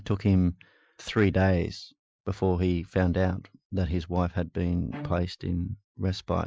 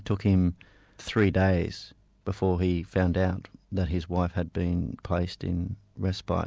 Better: second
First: noise reduction (classical method Wiener filter)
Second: none

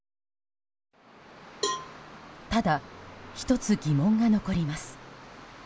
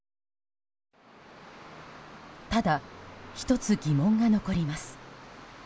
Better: second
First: background sound (Cowbell); 9 dB below the speech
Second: none

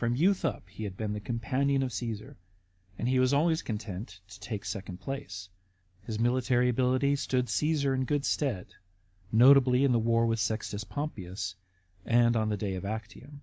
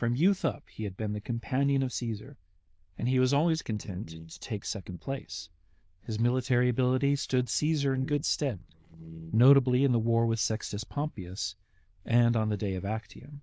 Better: first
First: none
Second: noise reduction (neural diffusion model UNIVERSE++)

